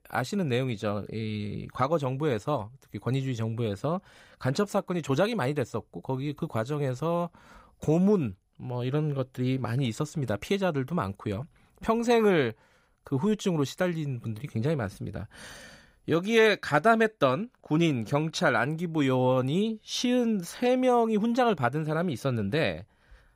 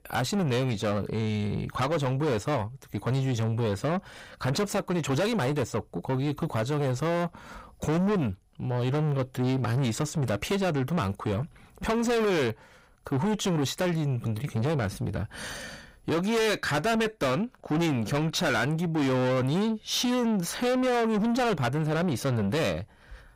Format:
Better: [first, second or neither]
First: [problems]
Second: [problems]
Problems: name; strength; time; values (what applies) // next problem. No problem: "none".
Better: first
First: none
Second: distortion; heavy; 6 dB below the speech